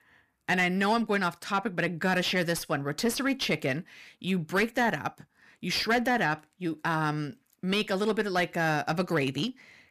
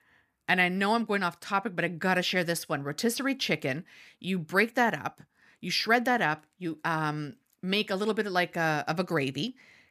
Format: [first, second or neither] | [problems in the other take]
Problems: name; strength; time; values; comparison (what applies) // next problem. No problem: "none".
second | distortion; slight; 10 dB below the speech